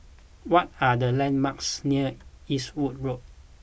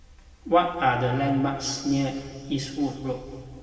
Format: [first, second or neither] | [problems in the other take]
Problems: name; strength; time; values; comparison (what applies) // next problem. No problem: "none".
first | room echo; dies away in 2.4 s